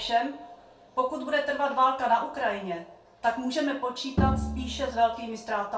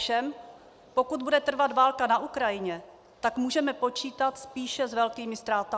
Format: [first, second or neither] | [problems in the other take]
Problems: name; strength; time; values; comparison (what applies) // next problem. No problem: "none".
second | background sound (Bowed string instrument); 2 dB below the speech // room echo; dies away in 0.3 s